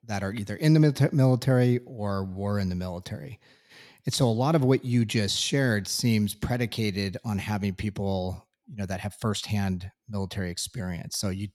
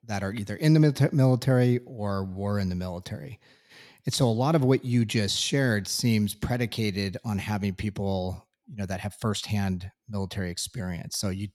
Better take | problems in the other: neither | none

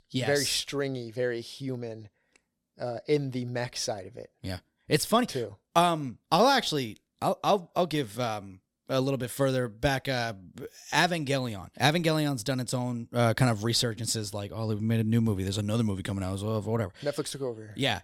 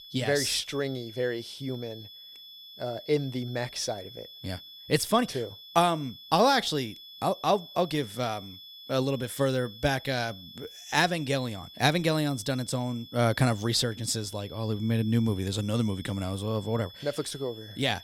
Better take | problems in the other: first | high-pitched whine; noticeable; throughout; 3.5 kHz, 15 dB below the speech

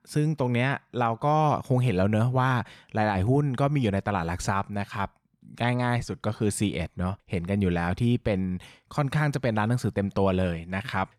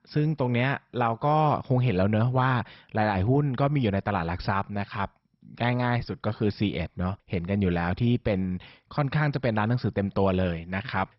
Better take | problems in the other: first | garbled, watery; badly; nothing above 5.5 kHz

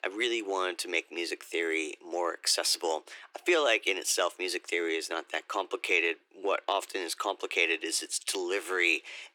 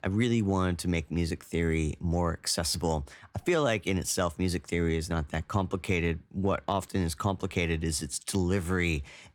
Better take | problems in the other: second | thin; very; fading below 350 Hz

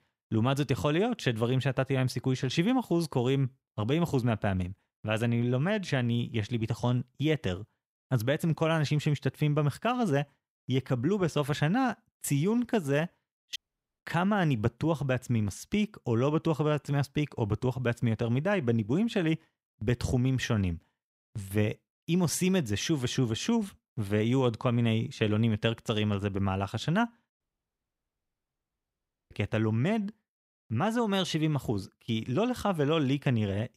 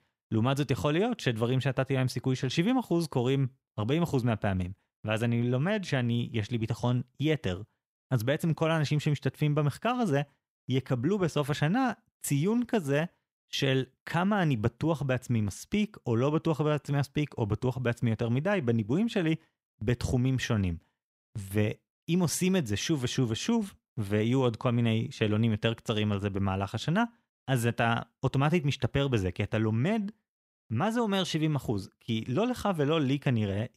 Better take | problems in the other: second | audio cutting out; at 14 s and at 27 s for 2 s

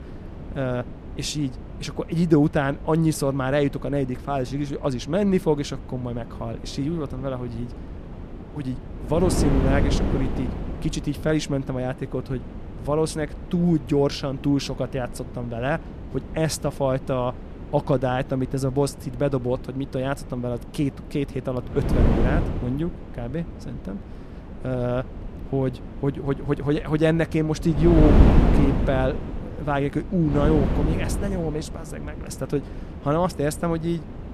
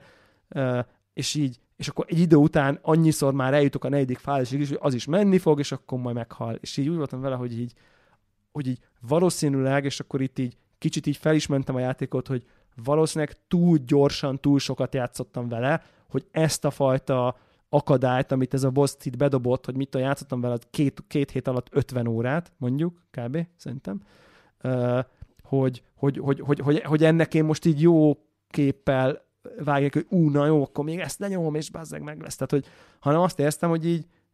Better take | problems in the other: second | wind noise on the microphone; heavy; 9 dB below the speech

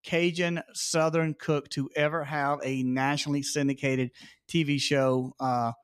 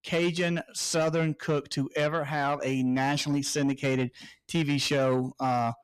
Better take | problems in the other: first | distortion; slight; 10 dB below the speech

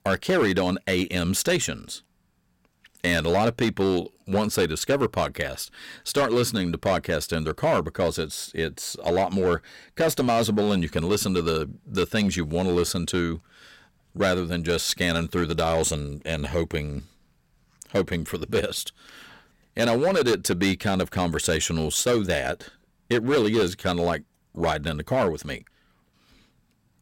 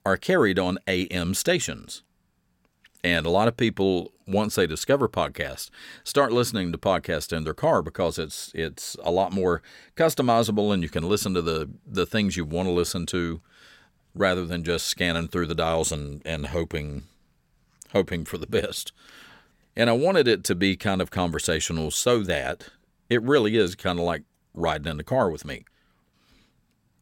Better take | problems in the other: second | distortion; slight; 6% of the sound clipped

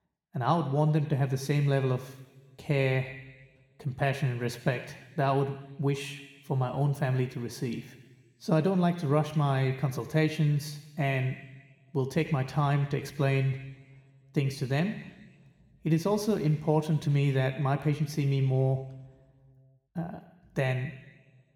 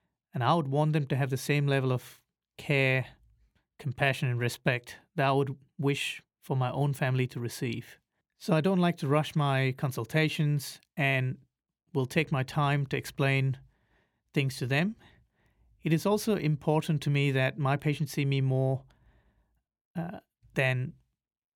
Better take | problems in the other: second | room echo; slight; dies away in 1.2 s

